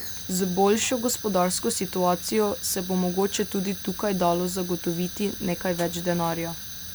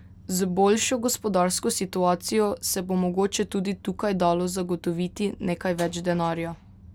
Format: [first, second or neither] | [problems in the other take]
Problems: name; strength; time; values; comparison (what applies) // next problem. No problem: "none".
second | background sound (Fire); 11 dB below the speech